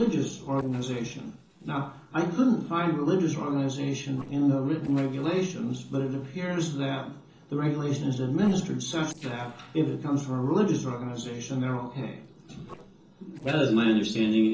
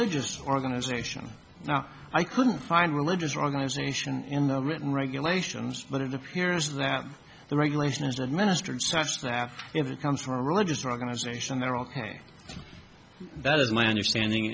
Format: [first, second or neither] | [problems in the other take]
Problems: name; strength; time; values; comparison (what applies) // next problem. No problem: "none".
second | noise reduction (neural separator model SepFormer DNS4)